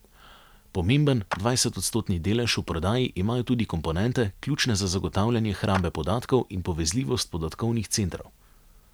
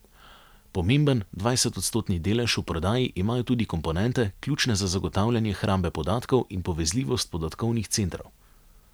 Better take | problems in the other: second | background sound (Clapping); 14 dB below the speech

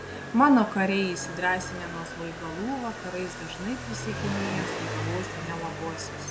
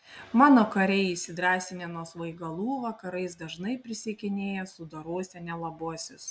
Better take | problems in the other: second | background sound (Motorcycle); 7 dB below the speech

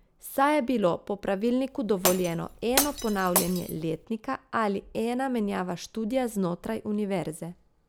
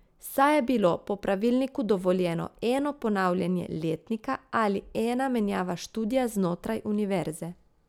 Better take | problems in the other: second | background sound (Glass); 4 dB below the speech

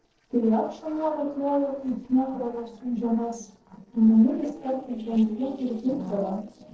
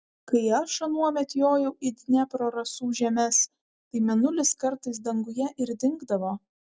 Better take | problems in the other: second | noise reduction (neural separator model SepFormer DNS4)

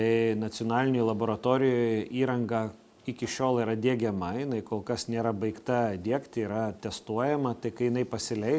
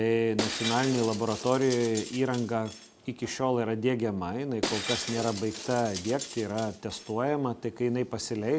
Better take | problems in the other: first | background sound (Shatter); 10 dB below the speech

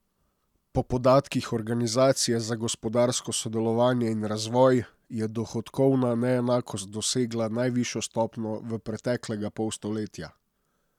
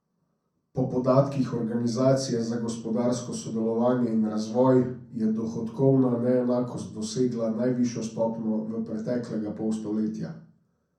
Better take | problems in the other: first | room echo; dies away in 0.6 s

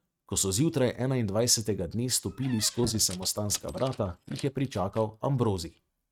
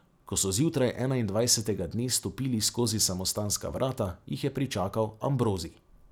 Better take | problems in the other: second | noise reduction (neural mask model RNNoise)

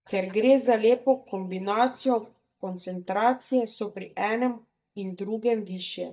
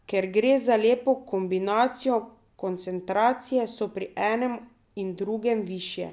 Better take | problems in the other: second | noise reduction (neural mask model DeepFilterNet 3)

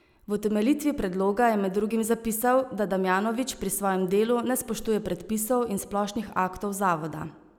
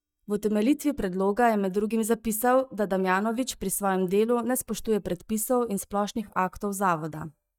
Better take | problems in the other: first | noise reduction (neural mask model DeepFilterNet 3)

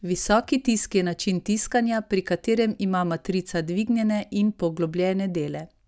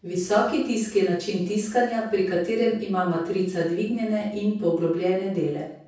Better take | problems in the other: first | room echo; dies away in 0.6 s

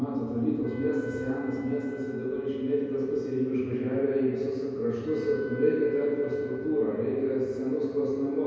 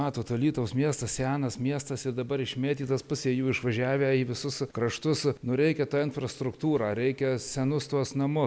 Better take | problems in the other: second | background sound (Wind instrument, woodwind instrument); 18 dB below the speech // room echo; dies away in 2.2 s

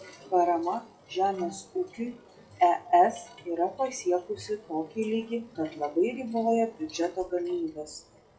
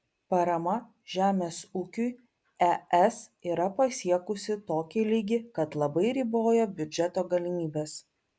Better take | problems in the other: second | noise reduction (classical method WPE with log-MMSE)

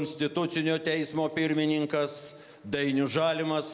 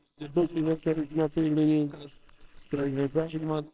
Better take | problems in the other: first | noise reduction (neural separator model SepFormer WHAMR!)

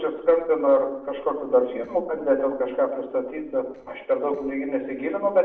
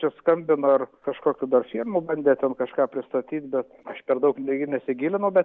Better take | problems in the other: second | noise reduction (neural separator model SepFormer DNS4)

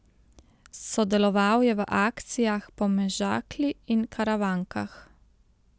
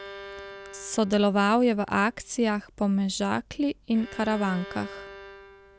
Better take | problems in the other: first | background sound (Bowed string instrument); 18 dB below the speech

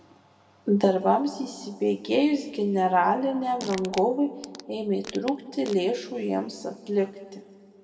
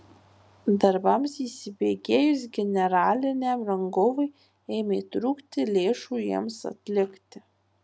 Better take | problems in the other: second | background sound (Fart); 17 dB below the speech // room echo; dies away in 1.7 s

